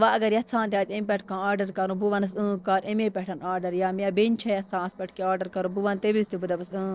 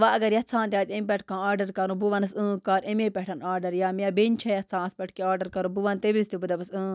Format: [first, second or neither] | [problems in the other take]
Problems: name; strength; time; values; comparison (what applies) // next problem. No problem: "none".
second | noise reduction (neural separator model SepFormer DNS4)